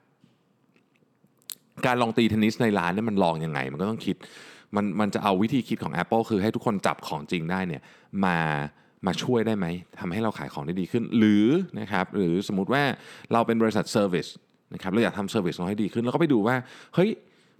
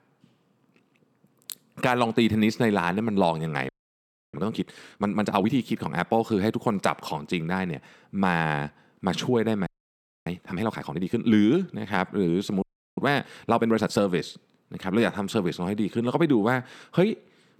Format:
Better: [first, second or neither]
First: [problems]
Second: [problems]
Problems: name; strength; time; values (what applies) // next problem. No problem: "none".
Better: first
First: none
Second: audio freezing; at 3.5 s for 0.5 s, at 9.5 s for 0.5 s and at 13 s